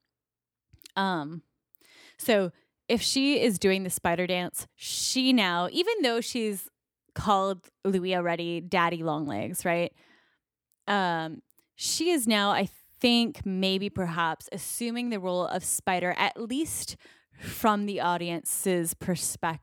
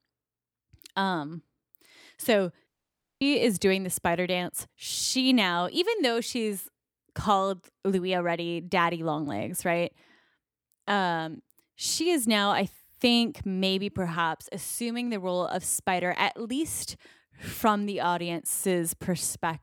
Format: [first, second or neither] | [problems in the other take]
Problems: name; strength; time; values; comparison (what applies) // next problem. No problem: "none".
first | audio cutting out; at 2.5 s for 0.5 s